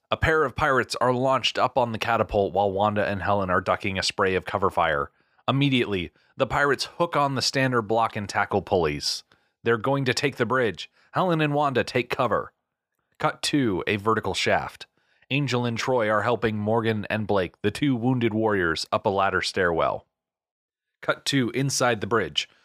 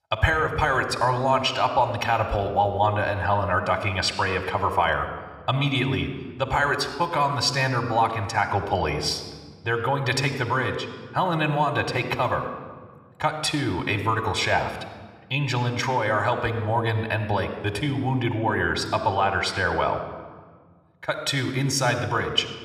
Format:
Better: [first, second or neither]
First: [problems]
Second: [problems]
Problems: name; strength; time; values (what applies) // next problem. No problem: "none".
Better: first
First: none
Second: room echo; slight; dies away in 1.2 s